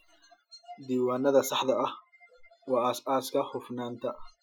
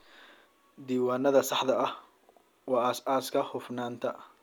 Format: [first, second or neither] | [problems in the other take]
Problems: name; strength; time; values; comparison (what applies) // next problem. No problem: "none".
second | noise reduction (classical method Wiener filter)